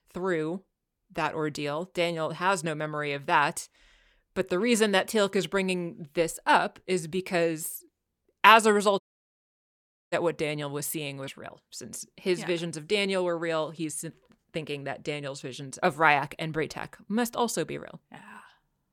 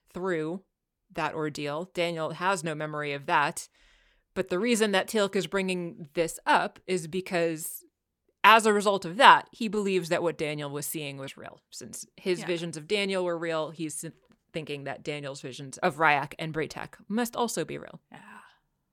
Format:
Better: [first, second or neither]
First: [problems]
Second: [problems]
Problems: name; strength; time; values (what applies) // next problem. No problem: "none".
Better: second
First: audio cutting out; at 9 s for 1 s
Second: none